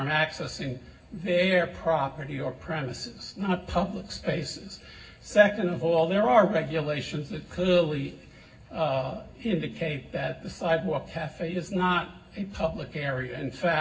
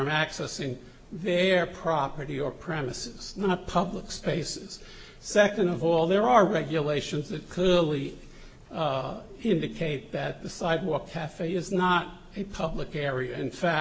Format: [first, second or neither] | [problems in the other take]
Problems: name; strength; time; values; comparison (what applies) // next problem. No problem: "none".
second | room echo; dies away in 0.4 s